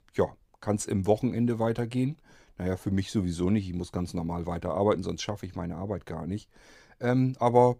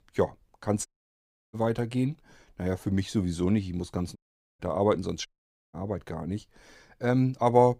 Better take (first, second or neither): first